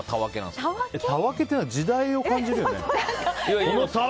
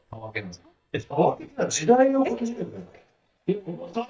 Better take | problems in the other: first | noise reduction (neural mask model DeepFilterNet 3)

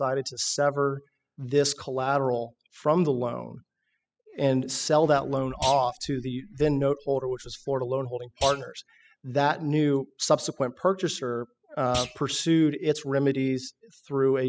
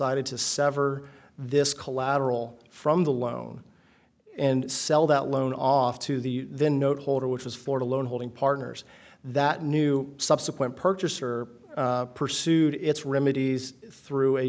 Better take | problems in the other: second | noise reduction (classical method spectral subtraction)

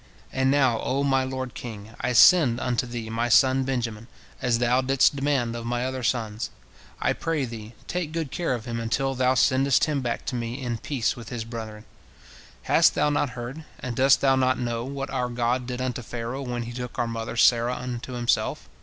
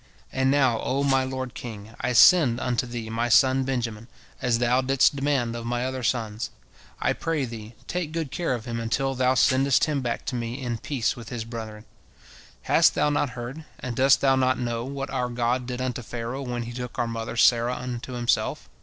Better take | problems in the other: first | noise reduction (neural separator model SepFormer DNS4)

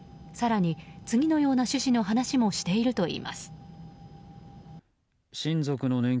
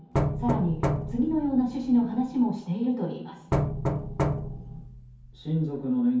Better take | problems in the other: first | background sound (Knock); 2 dB below the speech // room echo; dies away in 0.6 s

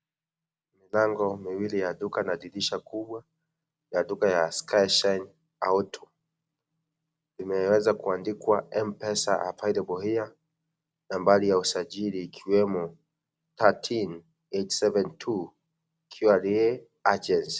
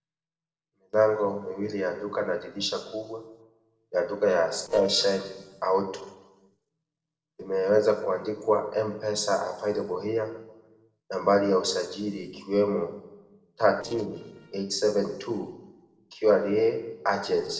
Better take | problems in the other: first | noise reduction (neural separator model SepFormer DNS4)

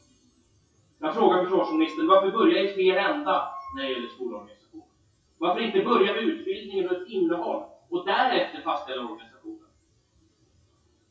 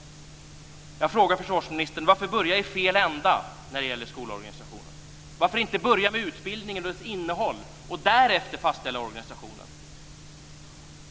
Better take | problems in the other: second | noise reduction (classical method WPE with log-MMSE)

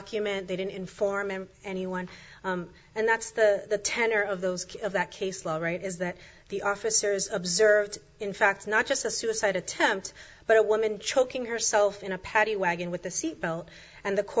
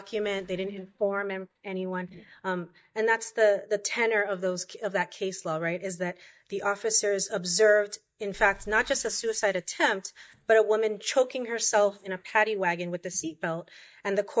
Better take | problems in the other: first | noise reduction (neural mask model DeepFilterNet 3)

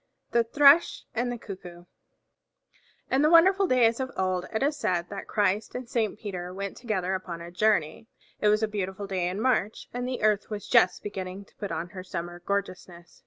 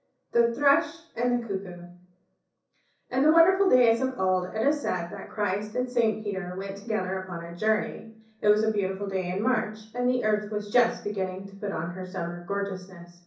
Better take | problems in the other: first | room echo; dies away in 0.6 s

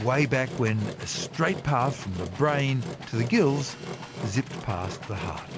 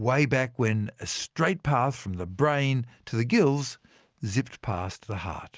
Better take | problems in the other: second | background sound (Engine); 10 dB below the speech

